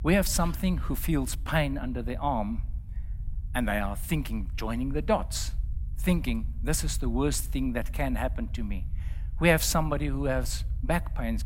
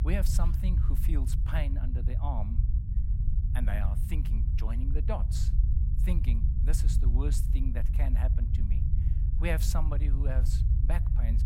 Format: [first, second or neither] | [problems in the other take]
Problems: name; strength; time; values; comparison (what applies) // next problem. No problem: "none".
first | low rumble; loud; throughout; 6 dB below the speech; faint in the first